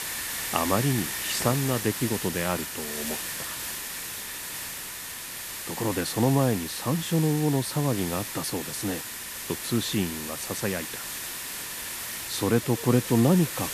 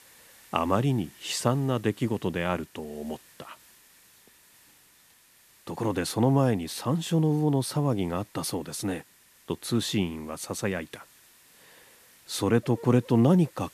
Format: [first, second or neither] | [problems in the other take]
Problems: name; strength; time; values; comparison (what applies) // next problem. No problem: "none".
second | hiss; loud; throughout; 5 dB below the speech; faint in the second